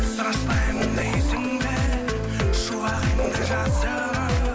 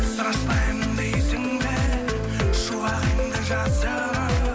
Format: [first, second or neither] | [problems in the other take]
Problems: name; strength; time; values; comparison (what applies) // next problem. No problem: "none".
second | background sound (Dog); 11 dB below the speech